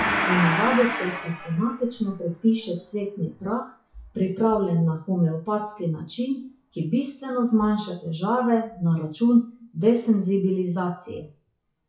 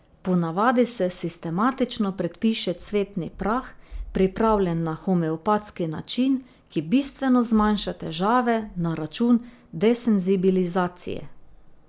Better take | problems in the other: second | noise reduction (classical method WPE with log-MMSE)

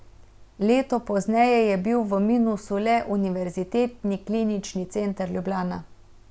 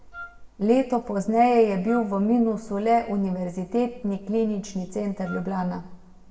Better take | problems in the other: first | background sound (Wind instrument, woodwind instrument); 20 dB below the speech // room echo; dies away in 0.9 s

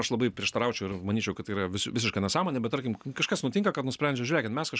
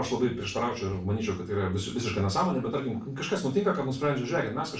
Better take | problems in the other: first | room echo; dies away in 0.4 s

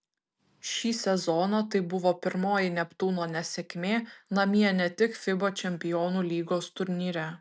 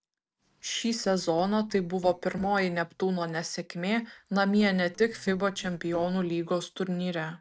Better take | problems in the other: first | noise reduction (neural separator model SepFormer DNS4)

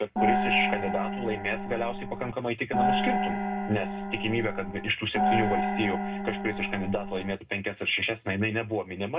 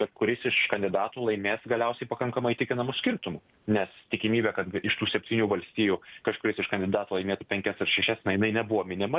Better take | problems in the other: second | background sound (Gong); 2 dB above the speech // room echo; dies away in 0.2 s

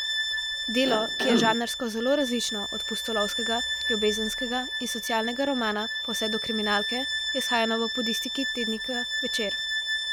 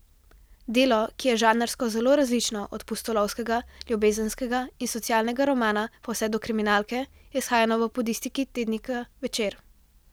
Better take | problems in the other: second | background sound (Bowed string instrument + Cough); as loud as the speech

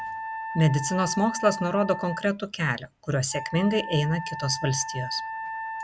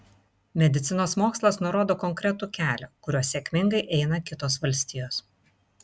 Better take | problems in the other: second | background sound (Wind instrument, woodwind instrument); 9 dB below the speech

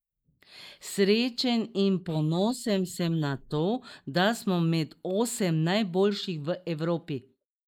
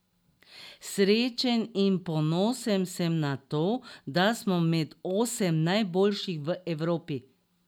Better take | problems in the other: second | noise reduction (neural mask model Resemble Enhance denoiser)

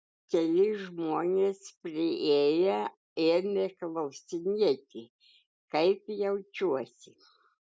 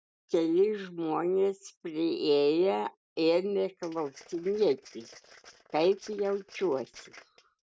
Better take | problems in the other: first | noise reduction (neural mask model RNNoise)

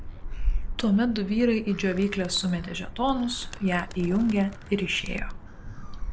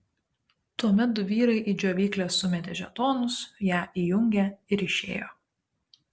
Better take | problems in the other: second | background sound (Animal); 6 dB below the speech

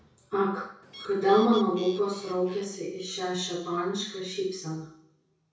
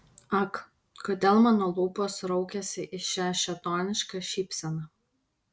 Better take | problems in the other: second | background sound (Bird); 17 dB below the speech // room echo; dies away in 0.6 s

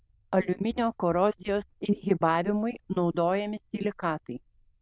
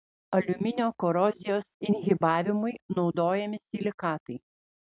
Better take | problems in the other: second | noise reduction (neural diffusion model UNIVERSE++)

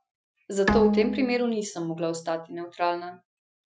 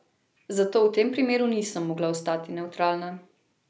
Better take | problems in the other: second | noise reduction (classical method Wiener filter)

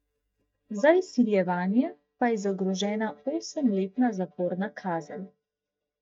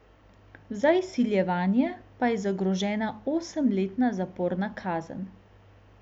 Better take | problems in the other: second | noise reduction (neural mask model DeepFilterNet 3)

